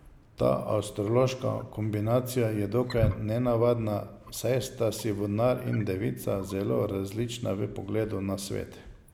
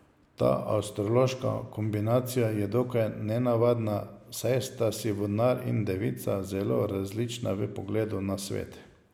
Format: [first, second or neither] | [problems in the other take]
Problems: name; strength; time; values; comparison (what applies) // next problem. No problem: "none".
second | background sound (Wild animals); 13 dB below the speech